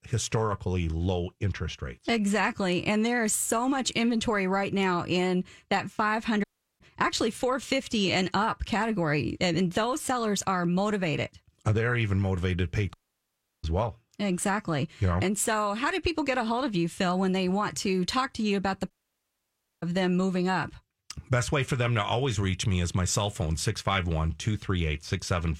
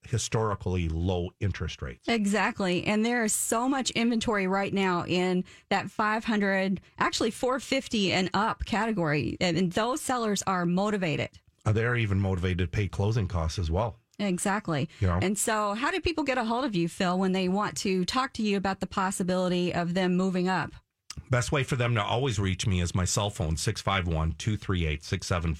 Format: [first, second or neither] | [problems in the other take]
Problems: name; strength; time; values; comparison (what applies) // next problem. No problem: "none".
second | audio cutting out; at 6.5 s, at 13 s for 0.5 s and at 19 s for 1 s